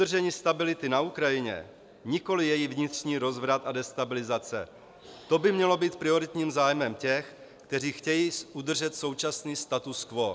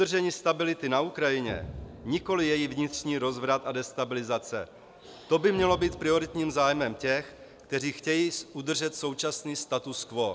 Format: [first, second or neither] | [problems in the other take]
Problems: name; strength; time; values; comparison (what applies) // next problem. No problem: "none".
first | background sound (Explosion); 18 dB below the speech